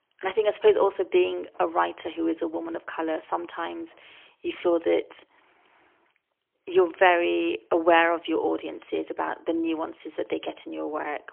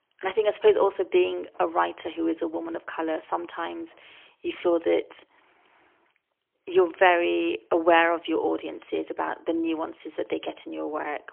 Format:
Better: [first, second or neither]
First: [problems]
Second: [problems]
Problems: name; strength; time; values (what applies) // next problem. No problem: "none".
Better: neither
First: phone-call audio; poor line; nothing above 3 kHz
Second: phone-call audio; poor line; nothing above 3 kHz